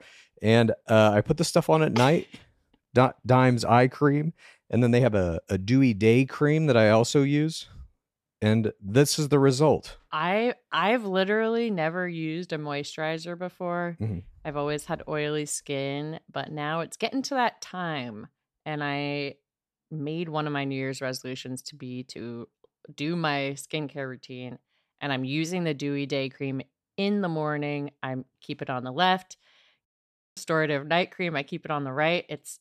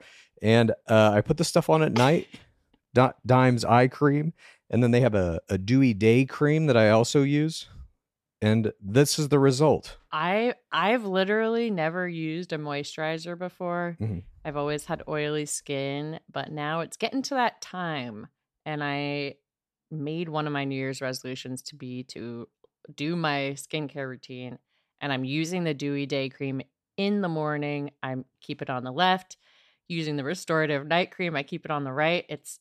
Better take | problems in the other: second | audio cutting out; at 30 s for 0.5 s

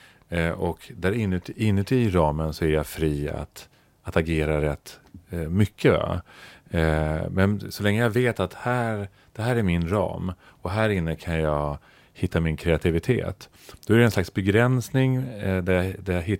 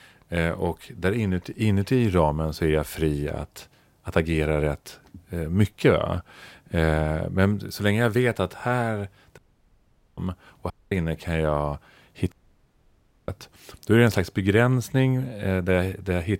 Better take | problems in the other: first | audio cutting out; at 9.5 s for 1 s, at 11 s and at 12 s for 1 s

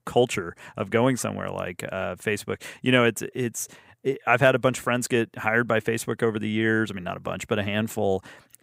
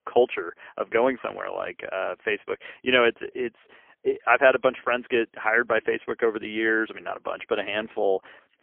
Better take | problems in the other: first | phone-call audio; poor line; nothing above 3 kHz

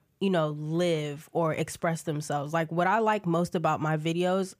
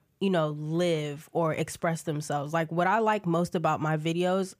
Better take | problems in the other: neither | none

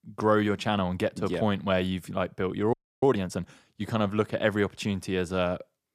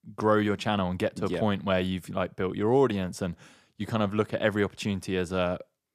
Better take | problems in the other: second | audio freezing; at 2.5 s

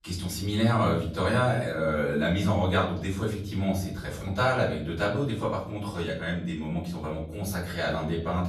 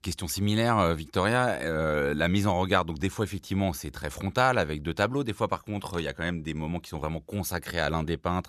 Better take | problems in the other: second | off-mic speech; far // room echo; slight; dies away in 0.6 s

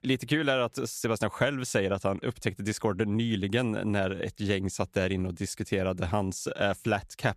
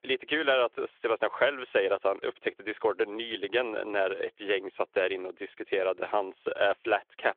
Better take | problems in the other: first | phone-call audio; nothing above 3.5 kHz

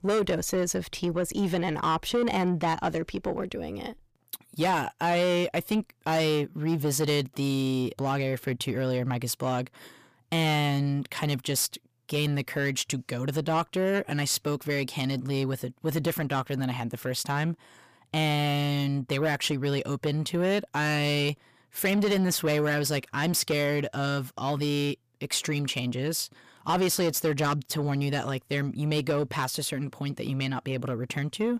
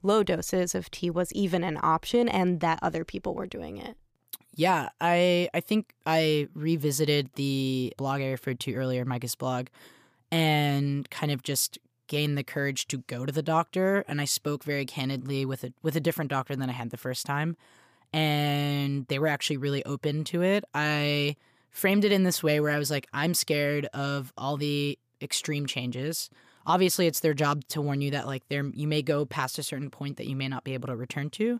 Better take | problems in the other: second | distortion; slight; 10 dB below the speech

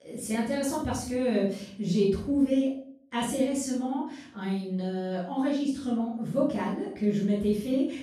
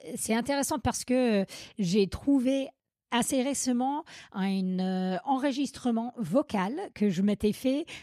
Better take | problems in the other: second | off-mic speech; far // room echo; noticeable; dies away in 0.5 s

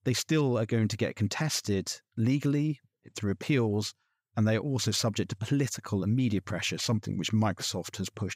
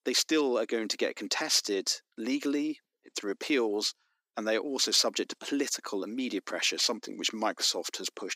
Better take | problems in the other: first | thin; somewhat; fading below 300 Hz

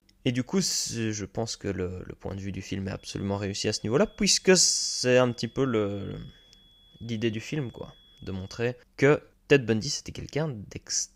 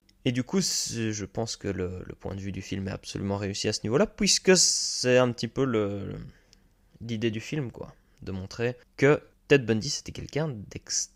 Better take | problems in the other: second | high-pitched whine; faint; from 3 to 8.5 s; 3.5 kHz, 30 dB below the speech

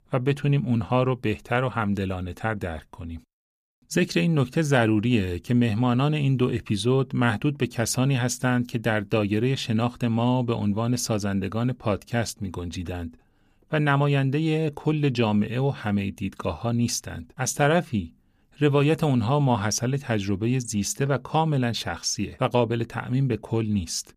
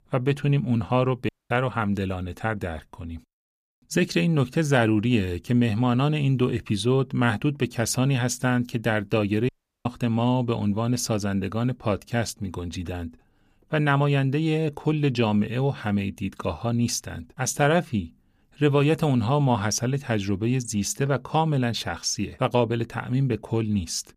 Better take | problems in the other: first | audio cutting out; at 1.5 s and at 9.5 s

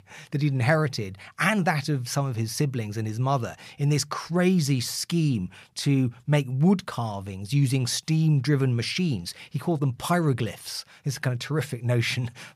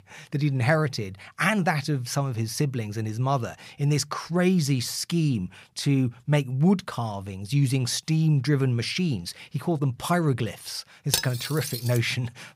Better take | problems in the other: first | clattering dishes; noticeable; at 11 s; peak level with the speech

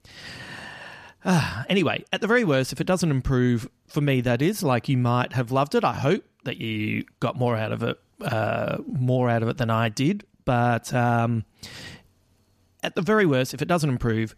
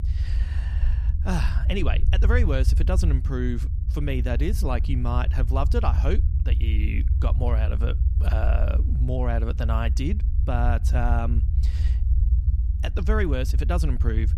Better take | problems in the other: first | low rumble; noticeable; throughout; 10 dB below the speech

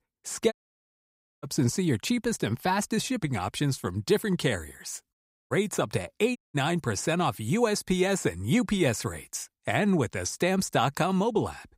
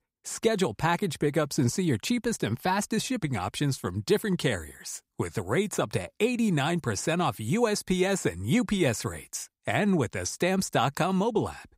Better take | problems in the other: second | audio cutting out; at 0.5 s for 1 s, at 5 s and at 6.5 s

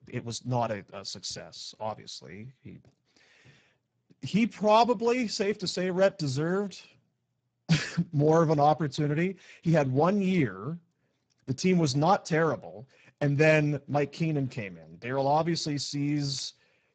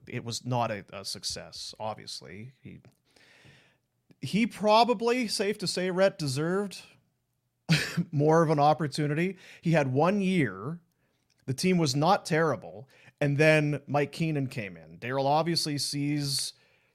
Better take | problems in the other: second | garbled, watery; badly; nothing above 7.5 kHz

